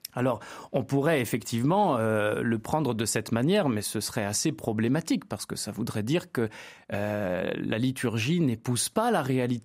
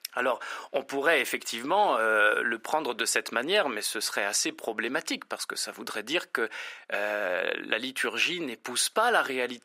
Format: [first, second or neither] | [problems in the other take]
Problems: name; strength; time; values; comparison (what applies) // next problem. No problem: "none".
first | thin; very; fading below 400 Hz